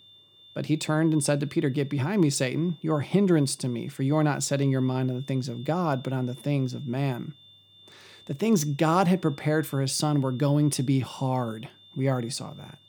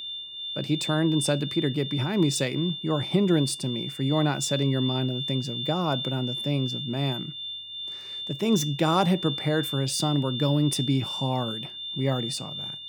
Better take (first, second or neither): first